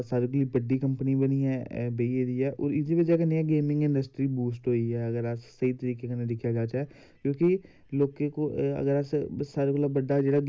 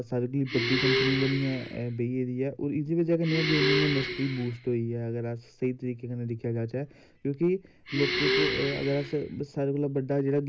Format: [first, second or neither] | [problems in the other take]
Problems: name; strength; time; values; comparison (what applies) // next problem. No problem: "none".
first | background sound (Breathing); 3 dB below the speech